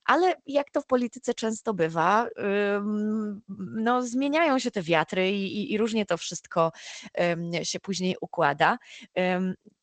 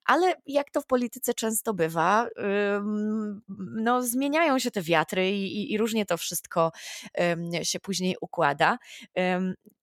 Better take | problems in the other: second | garbled, watery; slightly; nothing above 7.5 kHz

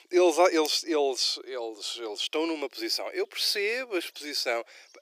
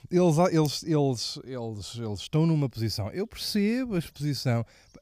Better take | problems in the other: second | thin; very; fading below 350 Hz

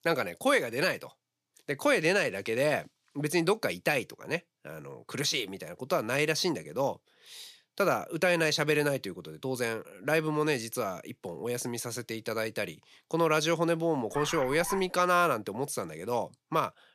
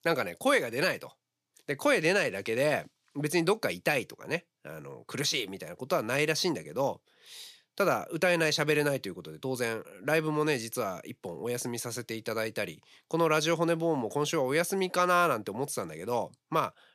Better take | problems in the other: second | dog barking; noticeable; at 14 s; peak 8 dB below the speech

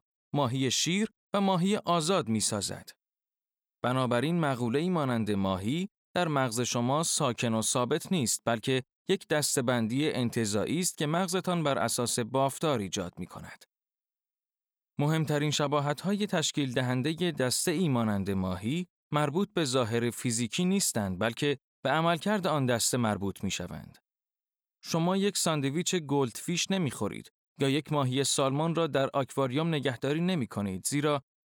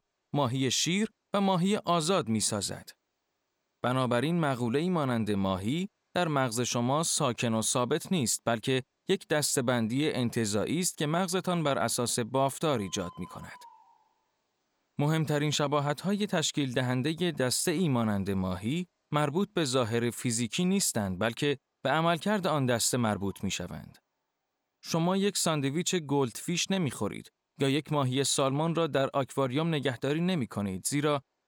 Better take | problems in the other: first | animal sounds; faint; throughout; 25 dB below the speech

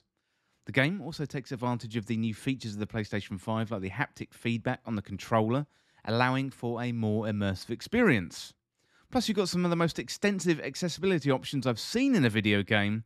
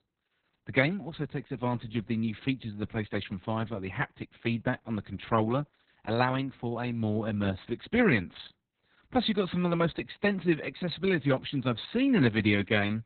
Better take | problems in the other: first | garbled, watery; badly; nothing above 4 kHz

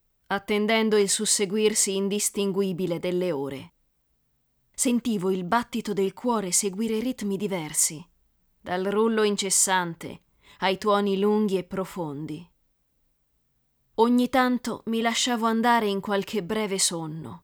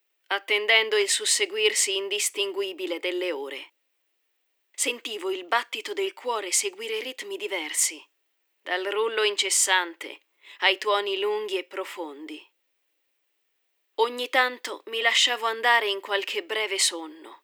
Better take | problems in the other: first | thin; very; fading below 300 Hz

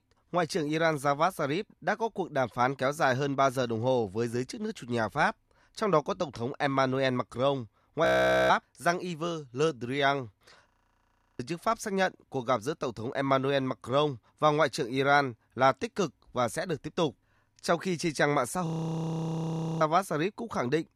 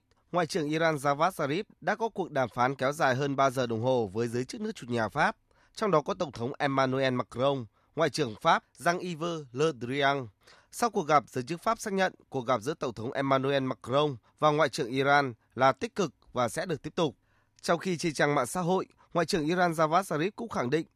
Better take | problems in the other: second | audio freezing; at 8 s, at 11 s for 0.5 s and at 19 s for 1 s

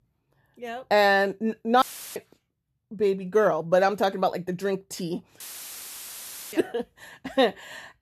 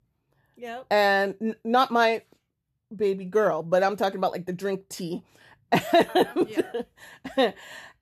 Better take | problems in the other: second | audio cutting out; filled with static; at 2 s and at 5.5 s for 1 s

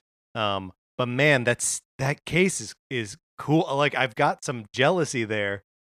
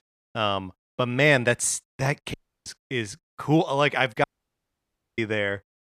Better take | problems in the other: first | audio cutting out; at 2.5 s and at 4 s for 1 s

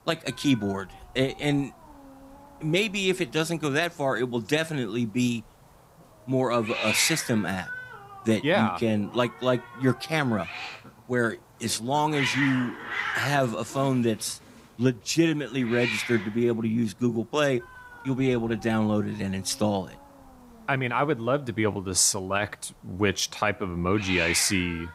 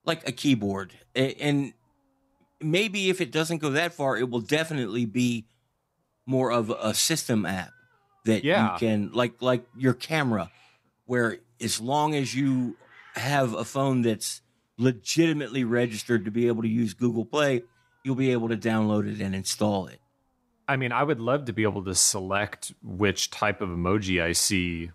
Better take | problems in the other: second | hiss; loud; throughout; 7 dB below the speech; faint in the second

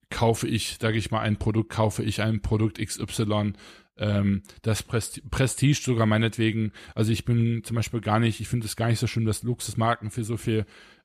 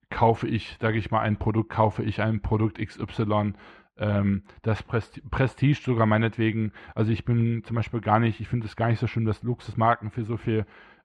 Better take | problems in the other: first | muffled; very; fading above 2 kHz

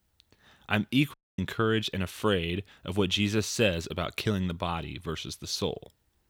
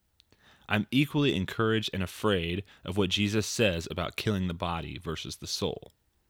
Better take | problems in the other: second | audio cutting out; at 1 s

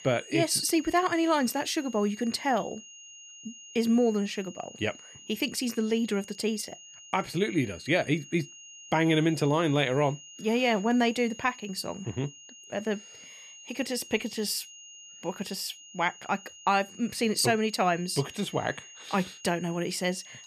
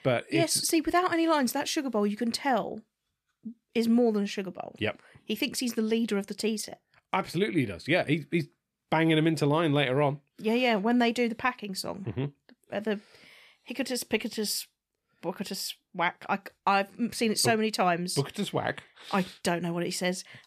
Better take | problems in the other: second | high-pitched whine; noticeable; throughout; 3 kHz, 15 dB below the speech

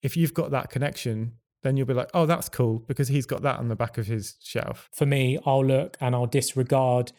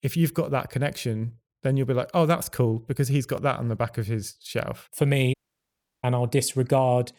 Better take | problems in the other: first | audio cutting out; at 5.5 s for 0.5 s

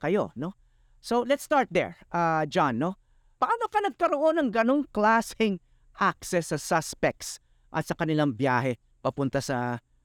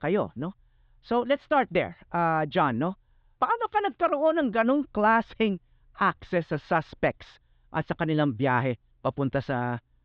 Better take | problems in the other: first | muffled; very; fading above 3.5 kHz

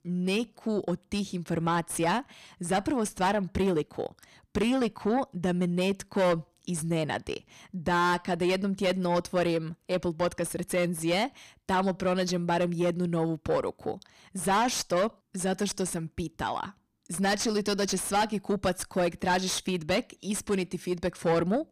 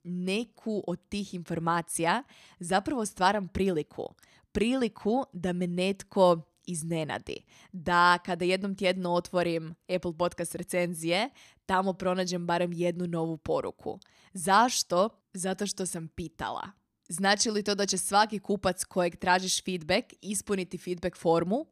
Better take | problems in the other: second | distortion; heavy; 7 dB below the speech

